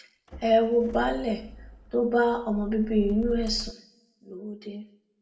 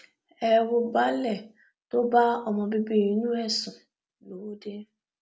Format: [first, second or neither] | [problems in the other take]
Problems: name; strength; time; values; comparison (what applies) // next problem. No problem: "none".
second | background sound (Motor vehicle (road)); 13 dB below the speech // room echo; dies away in 0.6 s